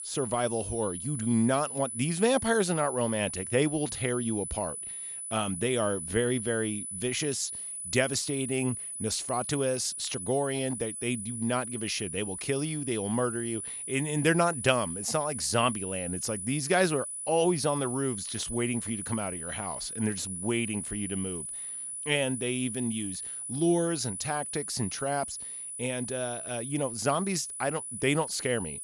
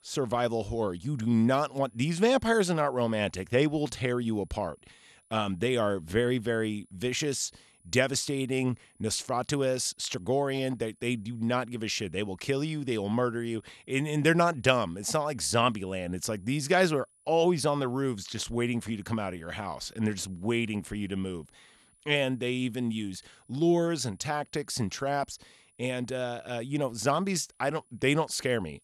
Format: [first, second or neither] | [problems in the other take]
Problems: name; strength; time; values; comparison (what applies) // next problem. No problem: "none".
second | high-pitched whine; loud; throughout; 10 kHz, 5 dB below the speech; faint in the second